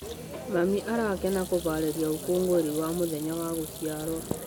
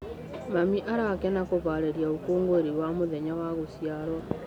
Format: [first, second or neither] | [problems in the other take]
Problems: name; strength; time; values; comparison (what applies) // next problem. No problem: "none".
second | background sound (Sink (filling or washing) / Hands); 15 dB below the speech